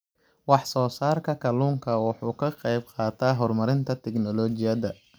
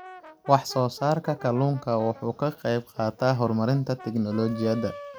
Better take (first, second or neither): first